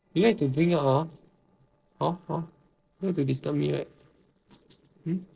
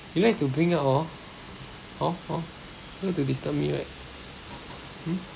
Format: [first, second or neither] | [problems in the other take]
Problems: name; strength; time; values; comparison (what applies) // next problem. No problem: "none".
second | noise reduction (neural separator model SepFormer DNS4)